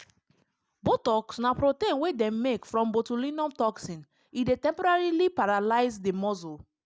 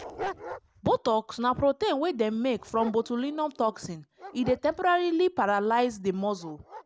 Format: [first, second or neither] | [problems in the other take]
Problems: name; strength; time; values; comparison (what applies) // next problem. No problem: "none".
first | background sound (Dog); 17 dB below the speech